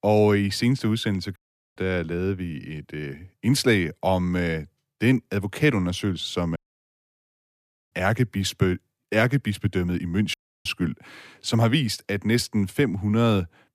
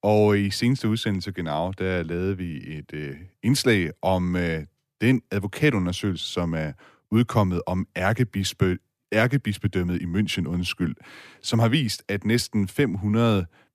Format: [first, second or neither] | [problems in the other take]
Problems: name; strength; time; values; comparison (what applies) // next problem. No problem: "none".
second | audio cutting out; at 1.5 s, at 6.5 s for 1.5 s and at 10 s